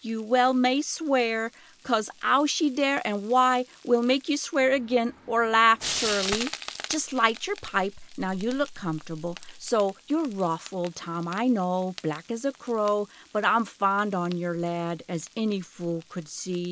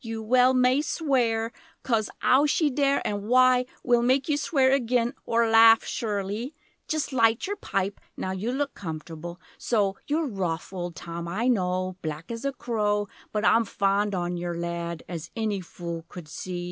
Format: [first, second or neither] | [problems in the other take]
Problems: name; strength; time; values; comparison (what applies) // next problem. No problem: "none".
second | background sound (Frying (food)); 15 dB below the speech